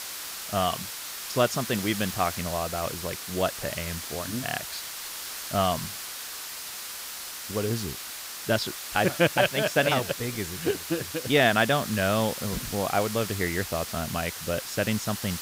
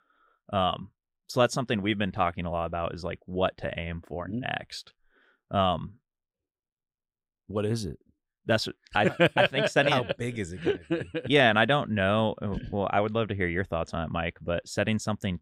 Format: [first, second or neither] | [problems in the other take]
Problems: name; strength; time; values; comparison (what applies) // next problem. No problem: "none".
second | hiss; loud; throughout; 7 dB below the speech